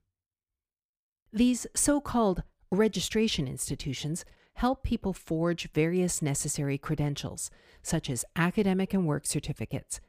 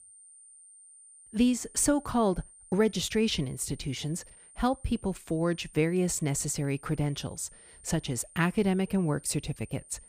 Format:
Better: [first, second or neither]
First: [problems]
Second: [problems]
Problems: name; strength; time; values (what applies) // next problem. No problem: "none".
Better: first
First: none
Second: high-pitched whine; faint; throughout; 9 kHz, 20 dB below the speech